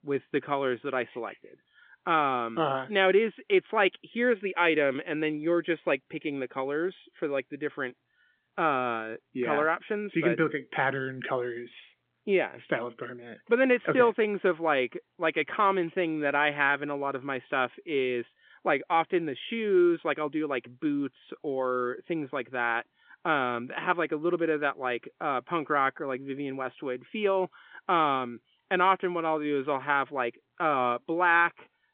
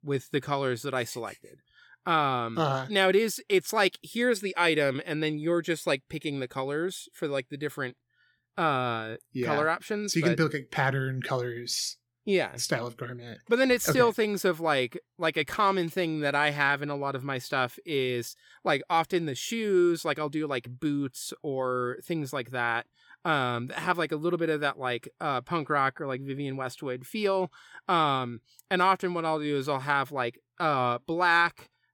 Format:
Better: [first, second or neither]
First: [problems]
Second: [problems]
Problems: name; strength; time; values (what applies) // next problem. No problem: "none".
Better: second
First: phone-call audio; nothing above 3.5 kHz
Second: none